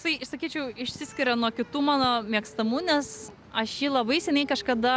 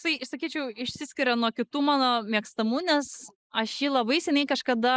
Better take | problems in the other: first | noise reduction (neural mask model Resemble Enhance denoiser)

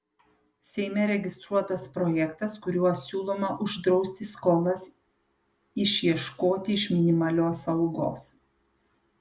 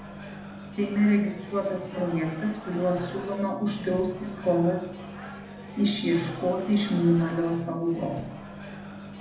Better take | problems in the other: first | background sound (Microwave oven); 13 dB below the speech // room echo; dies away in 0.8 s

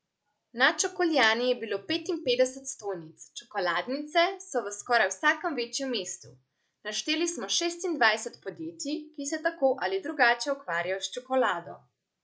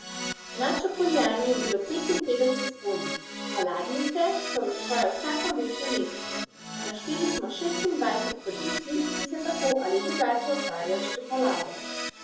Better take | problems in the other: first | background sound (Keyboard (musical)); 6 dB below the speech // room echo; dies away in 2.6 s

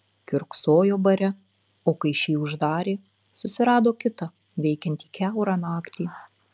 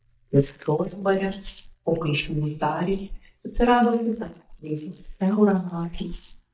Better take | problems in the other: first | noise reduction (neural mask model DeepFilterNet 3)

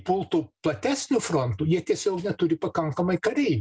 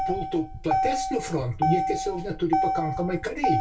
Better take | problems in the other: first | background sound (Motor vehicle (road)); 1 dB above the speech // room echo; dies away in 0.2 s

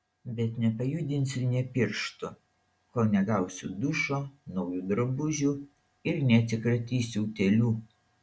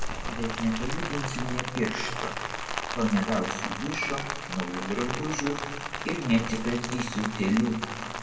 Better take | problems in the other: first | background sound (Rain); 3 dB below the speech // room echo; dies away in 1.6 s

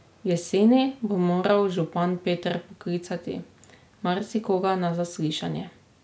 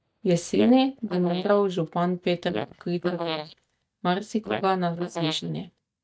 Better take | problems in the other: first | noise reduction (neural mask model DeepFilterNet 3)

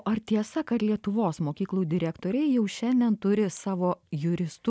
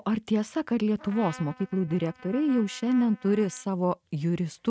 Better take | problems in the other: first | noise reduction (neural mask model RNNoise)

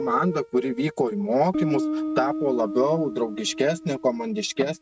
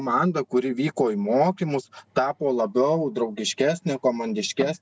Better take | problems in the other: second | noise reduction (neural mask model RNNoise)

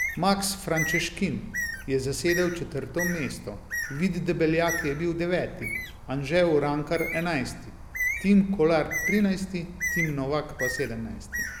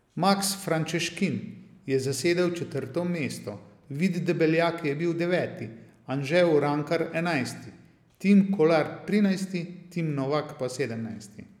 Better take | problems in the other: second | background sound (Bird); 7 dB below the speech

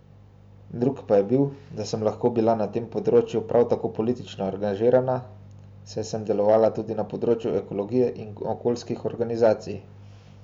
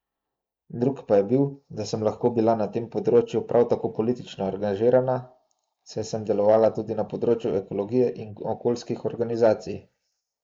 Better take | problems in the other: first | noise reduction (neural mask model Resemble Enhance denoiser)

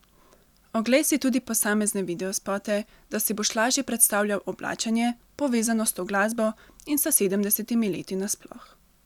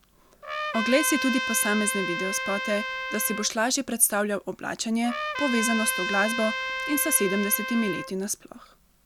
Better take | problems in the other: first | background sound (Trumpet); 4 dB below the speech

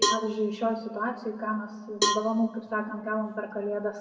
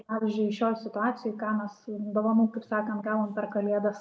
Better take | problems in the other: second | background sound (Cowbell); 3 dB below the speech // room echo; dies away in 1.5 s

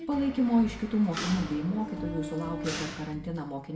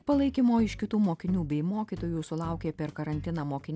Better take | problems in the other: second | background sound (Mechanisms); 9 dB below the speech // room echo; dies away in 0.6 s

